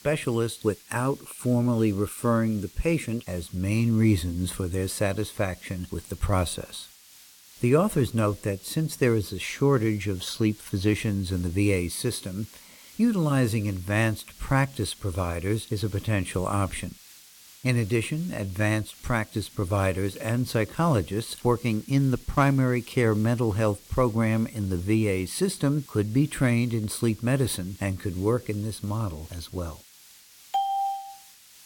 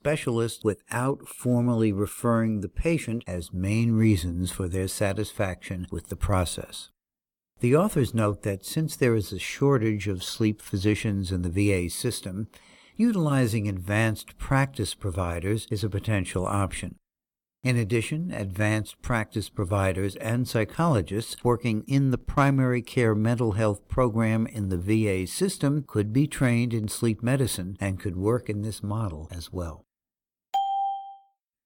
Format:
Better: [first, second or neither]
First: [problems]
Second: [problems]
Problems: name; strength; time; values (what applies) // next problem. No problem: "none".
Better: second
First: hiss; faint; throughout; 20 dB below the speech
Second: none